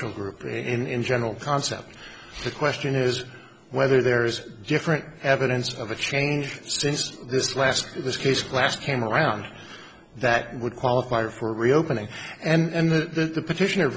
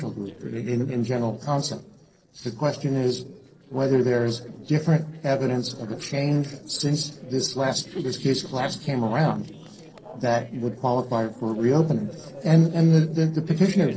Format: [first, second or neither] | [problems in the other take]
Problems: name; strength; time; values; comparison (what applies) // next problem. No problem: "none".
first | noise reduction (neural separator model SepFormer DNS4)